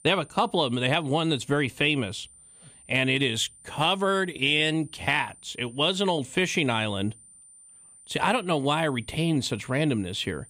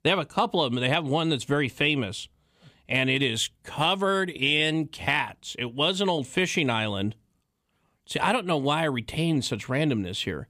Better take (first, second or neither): second